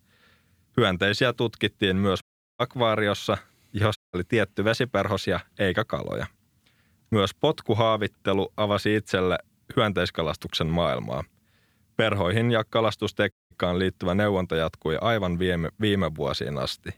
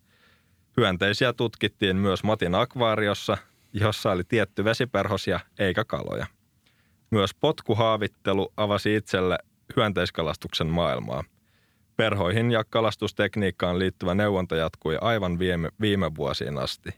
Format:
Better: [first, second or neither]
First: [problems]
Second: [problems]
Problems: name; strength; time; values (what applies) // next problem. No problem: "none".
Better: second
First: audio cutting out; at 2 s, at 4 s and at 13 s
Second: none